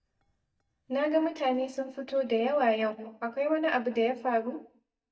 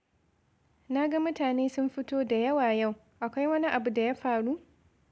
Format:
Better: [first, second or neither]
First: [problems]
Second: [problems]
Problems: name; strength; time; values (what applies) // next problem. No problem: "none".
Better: second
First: noise reduction (neural mask model DeepFilterNet 3)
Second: none